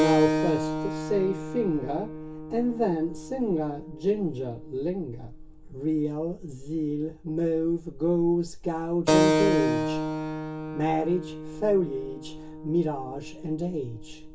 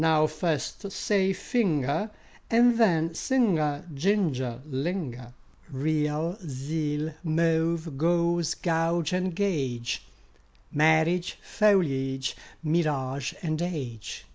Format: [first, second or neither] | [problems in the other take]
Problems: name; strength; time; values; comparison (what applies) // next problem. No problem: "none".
second | background sound (Keyboard (musical)); 3 dB below the speech // room echo; dies away in 0.2 s